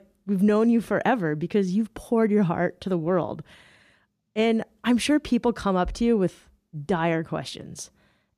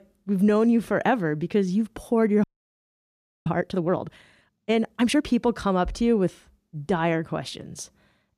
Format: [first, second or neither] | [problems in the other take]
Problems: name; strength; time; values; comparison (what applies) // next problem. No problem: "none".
first | audio freezing; at 2.5 s for 1 s